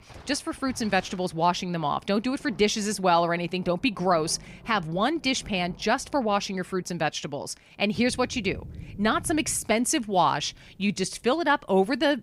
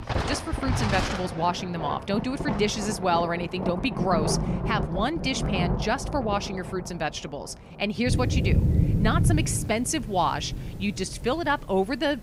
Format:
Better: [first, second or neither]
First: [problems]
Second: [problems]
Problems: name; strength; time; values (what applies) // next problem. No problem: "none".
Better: first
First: rain or running water; faint; throughout; 20 dB below the speech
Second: rain or running water; loud; throughout; 1 dB below the speech